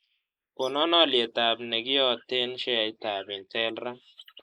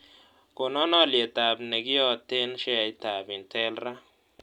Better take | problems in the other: second | noise reduction (neural mask model Resemble Enhance denoiser)

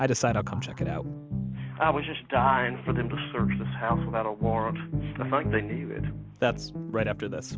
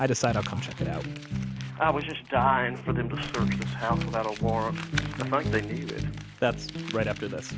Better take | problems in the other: first | background sound (Crumpling, crinkling); 15 dB below the speech

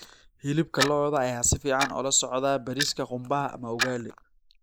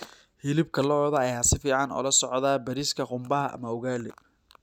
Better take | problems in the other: second | noise reduction (neural mask model Resemble Enhance denoiser)

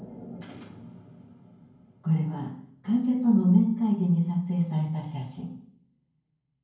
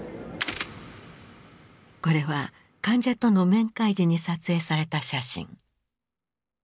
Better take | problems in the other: second | room echo; dies away in 0.9 s

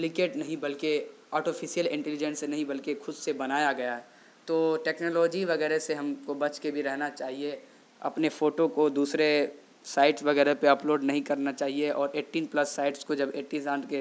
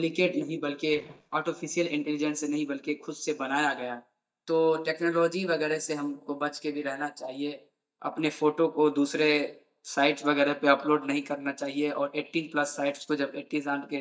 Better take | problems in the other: first | noise reduction (neural mask model DeepFilterNet 3)

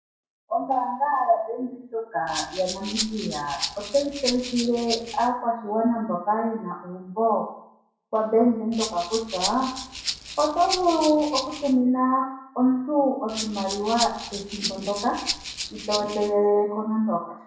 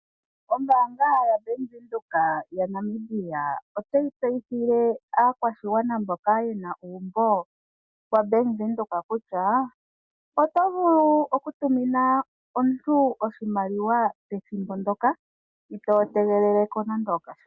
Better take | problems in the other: second | background sound (Rattle (instrument)); 8 dB below the speech // room echo; dies away in 0.6 s

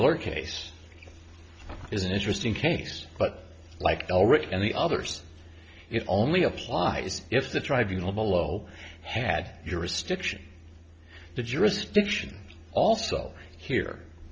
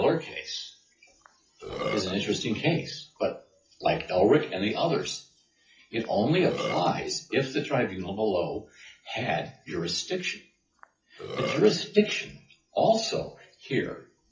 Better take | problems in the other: first | noise reduction (classical method WPE with log-MMSE)

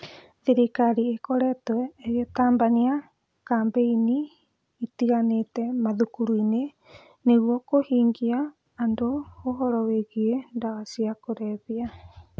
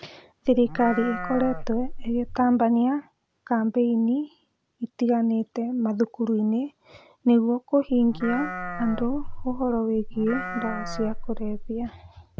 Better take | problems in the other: first | background sound (Livestock, farm animals, working animals); 7 dB below the speech

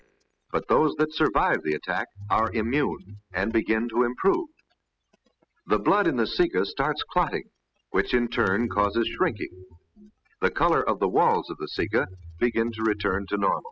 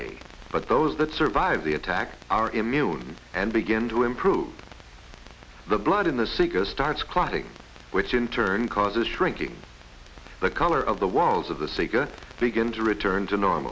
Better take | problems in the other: second | noise reduction (classical method spectral subtraction)

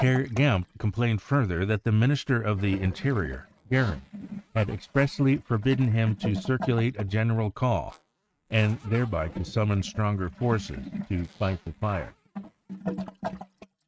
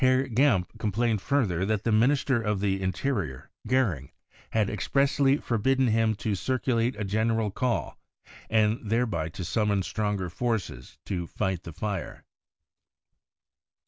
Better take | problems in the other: second | noise reduction (neural mask model RNNoise)

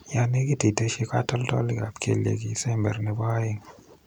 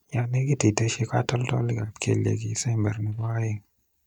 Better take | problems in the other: first | noise reduction (neural mask model DeepFilterNet 3)

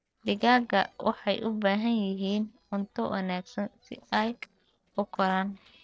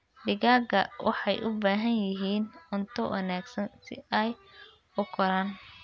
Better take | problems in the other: second | noise reduction (neural separator model SepFormer DNS4)

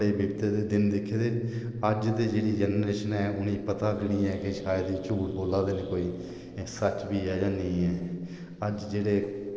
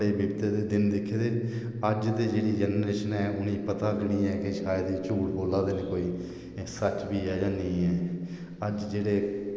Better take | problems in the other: second | noise reduction (neural separator model SepFormer DNS4)

